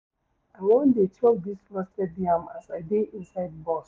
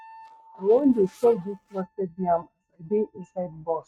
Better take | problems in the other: first | noise reduction (neural mask model RNNoise)

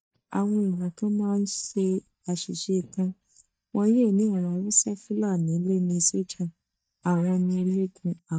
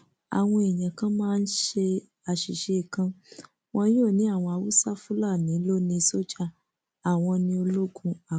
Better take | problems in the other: second | noise reduction (neural mask model DeepFilterNet 3)

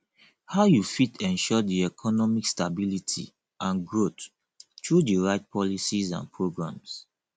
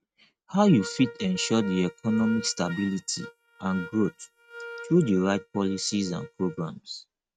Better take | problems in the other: first | noise reduction (neural mask model RNNoise)

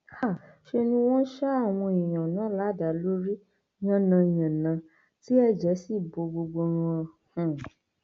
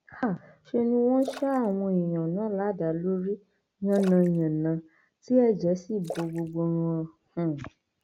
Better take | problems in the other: first | background sound (Splash, splatter); 19 dB below the speech

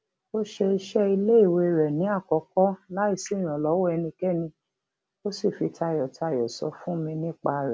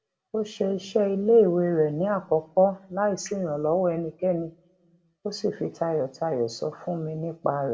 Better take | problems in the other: first | room echo; dies away in 0.3 s

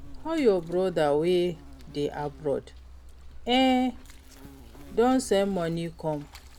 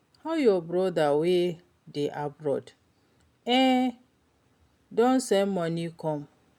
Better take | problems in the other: second | background sound (Insect); 17 dB below the speech

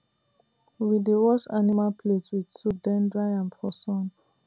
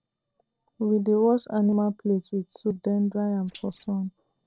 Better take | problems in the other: first | noise reduction (neural separator model SepFormer DNS4)

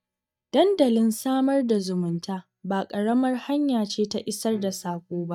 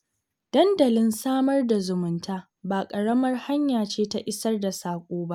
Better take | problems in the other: second | noise reduction (neural mask model DeepFilterNet 3)

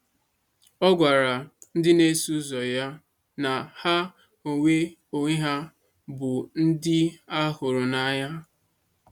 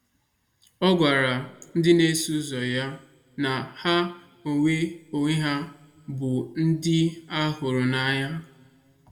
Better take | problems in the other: first | room echo; dies away in 0.8 s

